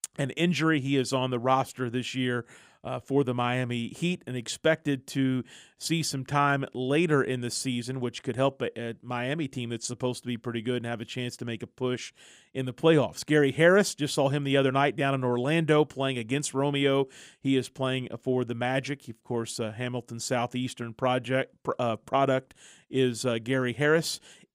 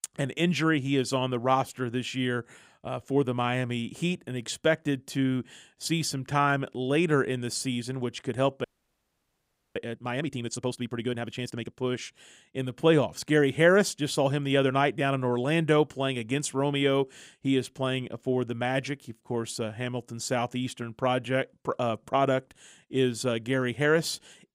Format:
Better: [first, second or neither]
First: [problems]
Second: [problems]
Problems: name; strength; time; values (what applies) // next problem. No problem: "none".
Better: first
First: none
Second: audio freezing; at 8.5 s for 1 s